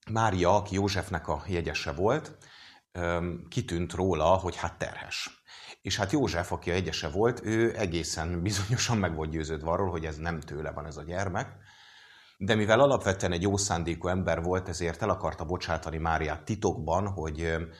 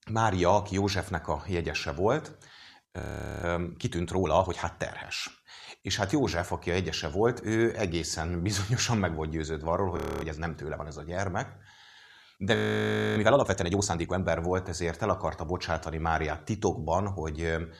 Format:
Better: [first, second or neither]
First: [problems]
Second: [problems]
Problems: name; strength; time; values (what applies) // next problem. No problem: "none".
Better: first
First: none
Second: audio freezing; at 3 s, at 10 s and at 13 s for 0.5 s